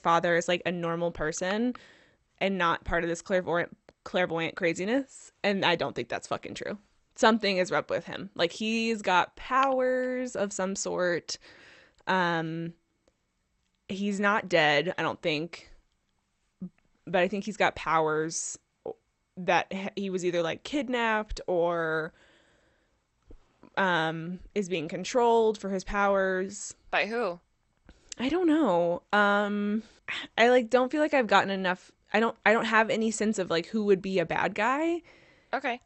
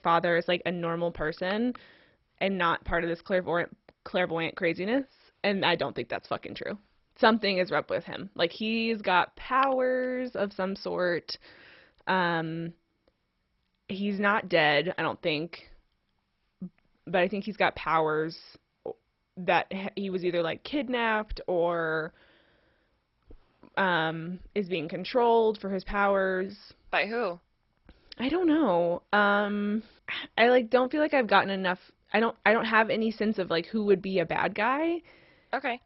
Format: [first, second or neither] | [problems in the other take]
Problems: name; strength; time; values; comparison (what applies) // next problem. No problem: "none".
first | garbled, watery; badly; nothing above 5.5 kHz; slightly in the first